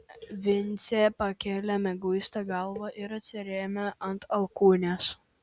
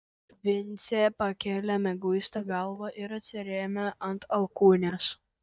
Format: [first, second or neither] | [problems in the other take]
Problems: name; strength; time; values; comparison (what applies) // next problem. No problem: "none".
first | noise reduction (neural mask model DeepFilterNet 3)